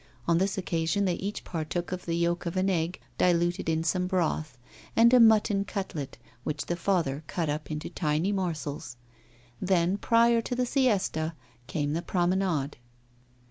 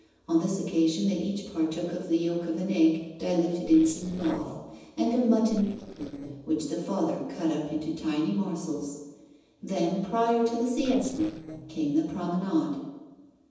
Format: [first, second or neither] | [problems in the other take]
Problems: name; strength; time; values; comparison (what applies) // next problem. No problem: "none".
first | noise reduction (neural separator model SepFormer DNS4)